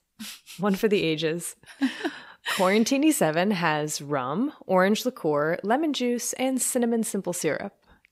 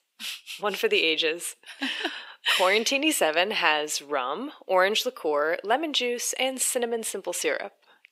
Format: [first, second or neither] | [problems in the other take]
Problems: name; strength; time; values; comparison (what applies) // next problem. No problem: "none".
first | thin; somewhat; fading below 400 Hz